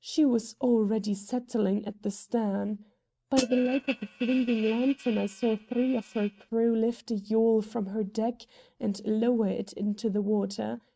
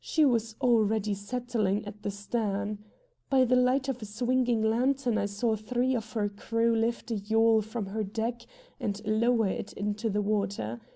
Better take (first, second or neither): second